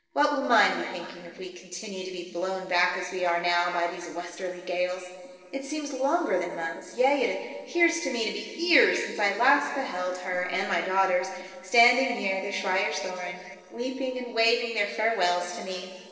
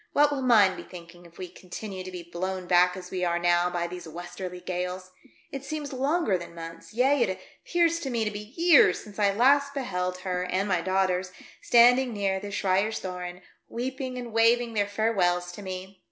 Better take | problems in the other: second | noise reduction (neural separator model SepFormer DNS4)

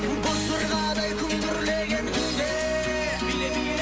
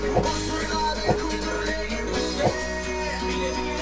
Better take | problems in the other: first | background sound (Whoosh, swoosh, swish); 1 dB below the speech // room echo; dies away in 0.2 s

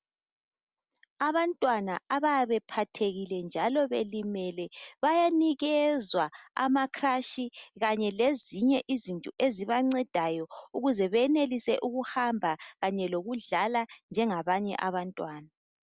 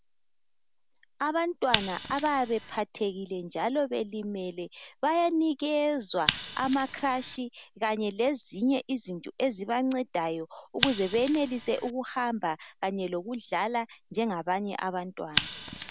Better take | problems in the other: first | background sound (Scissors); 10 dB below the speech

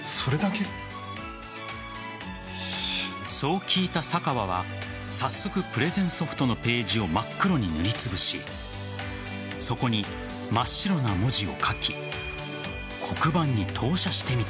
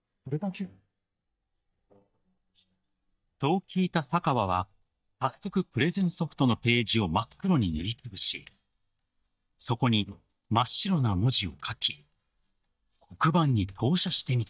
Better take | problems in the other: first | noise reduction (neural mask model DeepFilterNet 3)

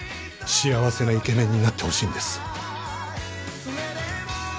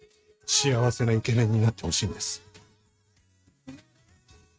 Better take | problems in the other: first | noise reduction (neural mask model RNNoise)

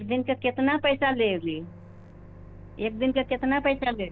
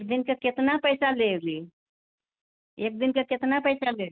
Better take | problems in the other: second | background sound (Microwave oven); 17 dB below the speech

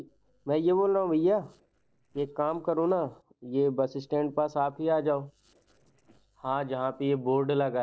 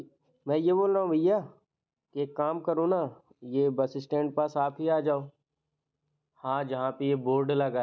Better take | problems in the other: second | noise reduction (neural separator model SepFormer DNS4)

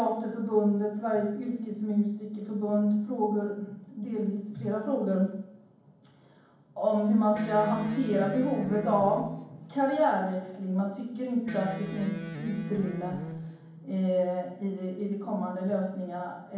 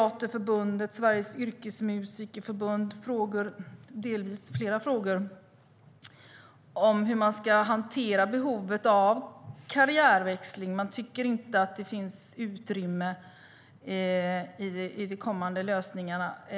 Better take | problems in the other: second | background sound (Electric guitar); 10 dB below the speech // room echo; dies away in 1.2 s

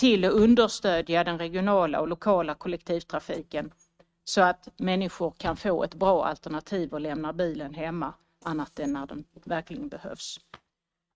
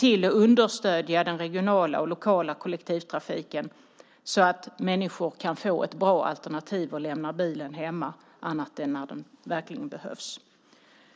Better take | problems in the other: second | noise reduction (neural mask model RNNoise)

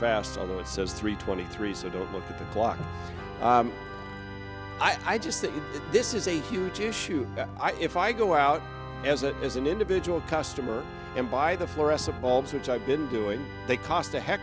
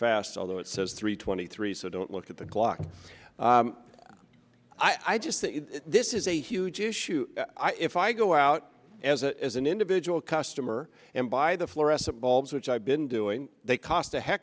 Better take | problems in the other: second | background sound (Organ); 10 dB below the speech

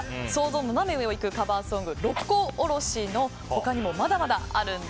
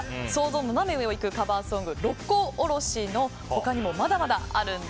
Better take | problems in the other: second | background sound (Fire); 15 dB below the speech

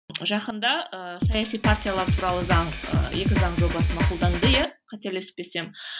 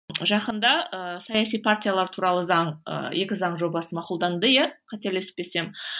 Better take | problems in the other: second | background sound (Drum kit); 4 dB above the speech

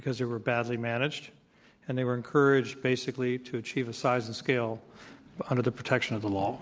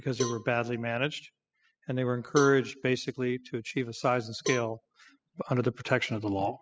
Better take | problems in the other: first | noise reduction (classical method spectral subtraction)

